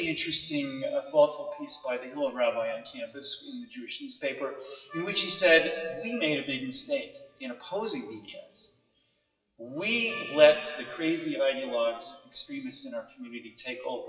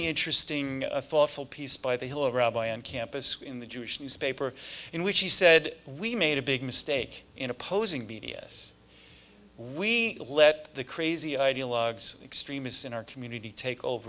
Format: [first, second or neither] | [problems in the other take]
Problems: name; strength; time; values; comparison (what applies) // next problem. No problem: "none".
second | noise reduction (classical method WPE with log-MMSE)